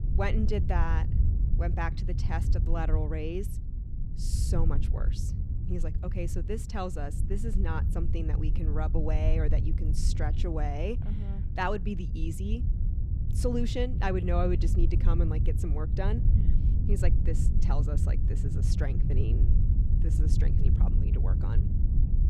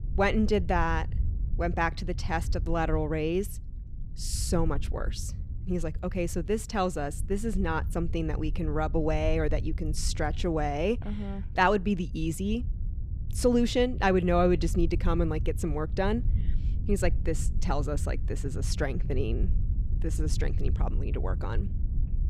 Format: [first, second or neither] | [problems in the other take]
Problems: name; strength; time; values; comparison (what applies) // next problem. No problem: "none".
second | wind noise on the microphone; heavy; 7 dB below the speech; occasional gusts in the second